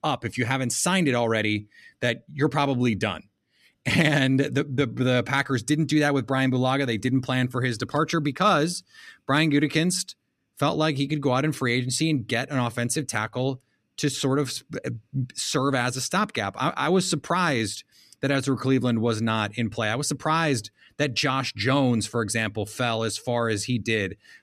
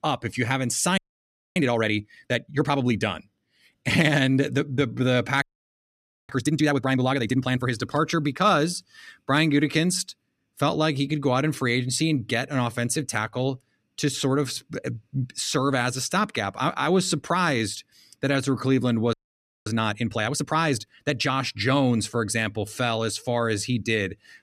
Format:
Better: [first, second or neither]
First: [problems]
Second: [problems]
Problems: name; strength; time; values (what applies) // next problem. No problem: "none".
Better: first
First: none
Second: audio freezing; at 1 s for 0.5 s, at 5.5 s for 1 s and at 19 s for 0.5 s